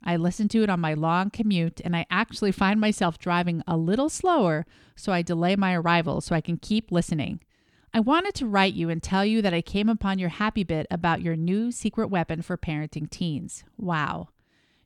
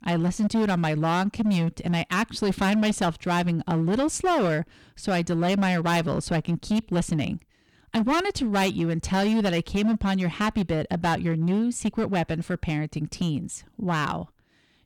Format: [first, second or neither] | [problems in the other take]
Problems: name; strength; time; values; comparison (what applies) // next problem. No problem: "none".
first | distortion; slight; 13% of the sound clipped